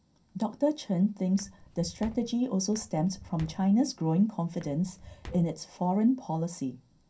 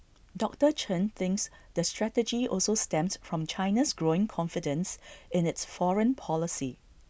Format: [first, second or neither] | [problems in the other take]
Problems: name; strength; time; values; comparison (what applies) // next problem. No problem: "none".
second | background sound (Walk, footsteps); 19 dB below the speech // room echo; dies away in 0.3 s